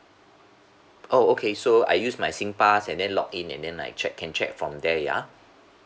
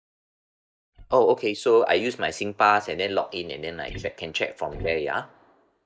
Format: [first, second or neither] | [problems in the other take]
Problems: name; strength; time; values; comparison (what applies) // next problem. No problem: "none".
first | noise reduction (neural mask model DeepFilterNet 3)